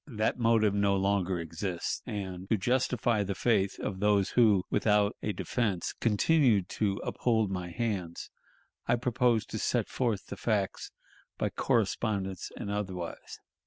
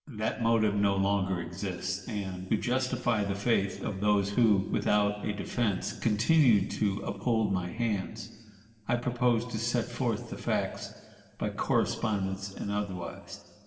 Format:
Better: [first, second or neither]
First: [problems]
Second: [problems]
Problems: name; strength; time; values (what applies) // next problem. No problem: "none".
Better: first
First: none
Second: room echo; dies away in 2.1 s